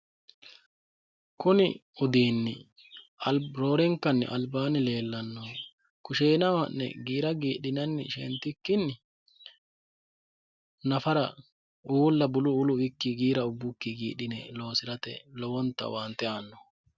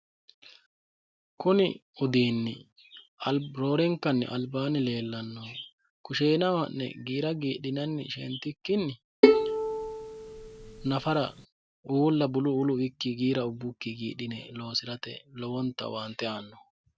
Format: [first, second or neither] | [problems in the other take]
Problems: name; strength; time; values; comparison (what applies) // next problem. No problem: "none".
first | background sound (Bowed string instrument); 4 dB above the speech